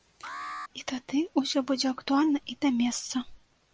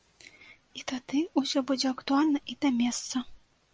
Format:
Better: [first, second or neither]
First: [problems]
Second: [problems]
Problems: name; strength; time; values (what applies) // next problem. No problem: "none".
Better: second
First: background sound (Alarm); 14 dB below the speech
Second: none